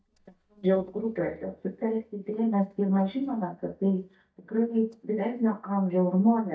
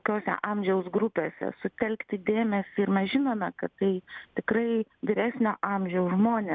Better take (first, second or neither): second